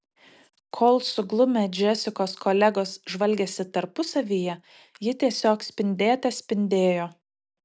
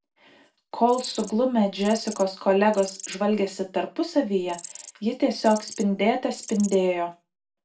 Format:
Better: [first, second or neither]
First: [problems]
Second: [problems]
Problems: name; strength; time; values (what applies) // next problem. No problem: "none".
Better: first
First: none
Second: background sound (Insect); 18 dB below the speech // room echo; dies away in 0.2 s